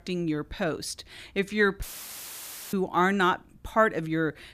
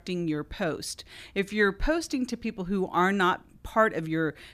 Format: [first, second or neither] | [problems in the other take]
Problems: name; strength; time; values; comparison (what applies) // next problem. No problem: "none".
second | audio cutting out; filled with static; at 2 s for 1 s